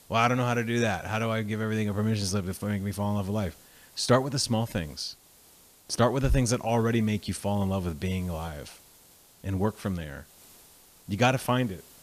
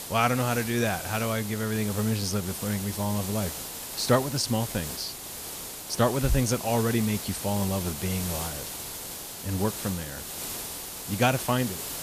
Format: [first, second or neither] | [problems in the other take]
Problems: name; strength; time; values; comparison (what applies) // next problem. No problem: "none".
first | hiss; loud; throughout; 6 dB below the speech; faint in the first